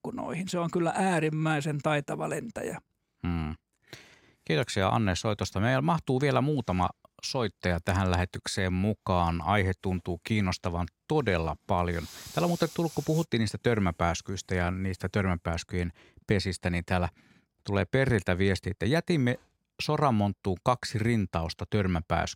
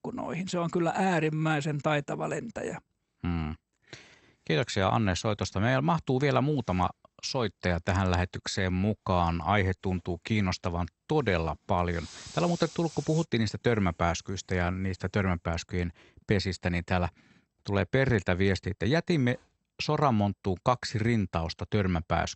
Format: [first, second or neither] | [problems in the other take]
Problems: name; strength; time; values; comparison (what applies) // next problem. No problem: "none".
first | garbled, watery; slightly; nothing above 8 kHz